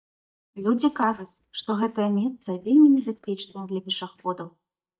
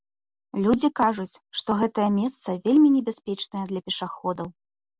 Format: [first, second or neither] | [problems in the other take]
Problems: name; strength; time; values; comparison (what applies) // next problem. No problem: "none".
second | noise reduction (neural mask model DeepFilterNet 3)